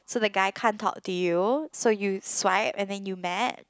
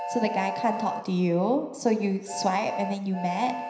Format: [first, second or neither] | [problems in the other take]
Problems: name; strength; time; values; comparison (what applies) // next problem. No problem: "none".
first | background sound (Train); 9 dB below the speech // room echo; dies away in 0.9 s